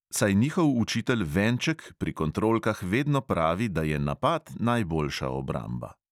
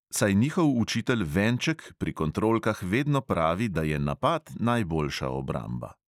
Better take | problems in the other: first | noise reduction (neural mask model Resemble Enhance denoiser)

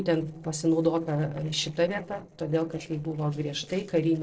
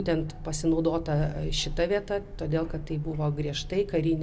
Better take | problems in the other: second | noise reduction (neural separator model SepFormer DNS4)

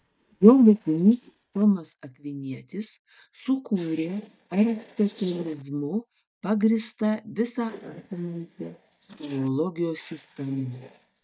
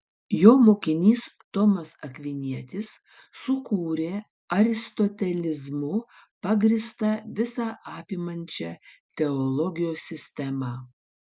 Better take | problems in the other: second | noise reduction (neural mask model DeepFilterNet 3)

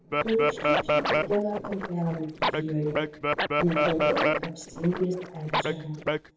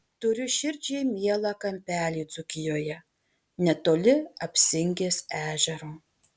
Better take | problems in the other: second | noise reduction (neural separator model SepFormer DNS4)

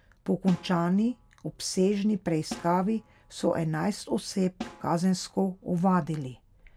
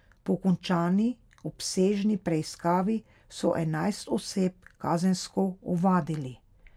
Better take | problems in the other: second | background sound (Snare drum); 19 dB below the speech

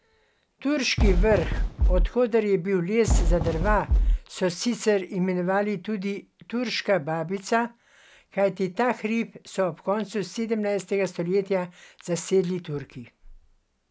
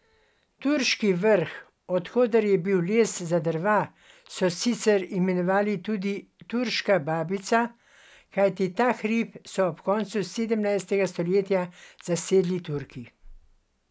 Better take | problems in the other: second | background sound (Fireworks); 3 dB above the speech

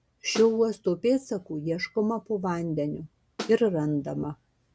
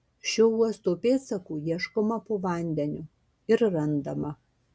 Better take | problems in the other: second | background sound (Snare drum); 12 dB below the speech

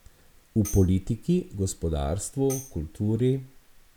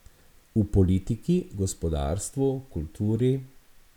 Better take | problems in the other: second | background sound (Tambourine); 18 dB below the speech

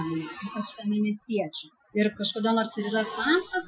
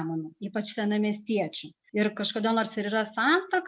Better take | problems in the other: second | noise reduction (classical method Wiener filter)

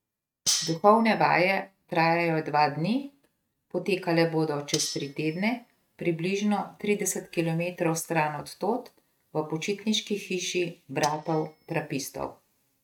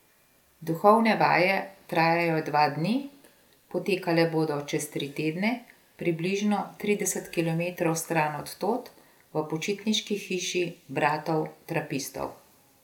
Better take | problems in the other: second | noise reduction (neural mask model RNNoise)

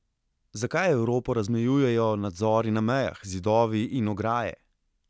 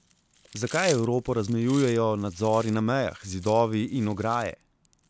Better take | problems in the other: first | background sound (Chewing, mastication); 18 dB below the speech

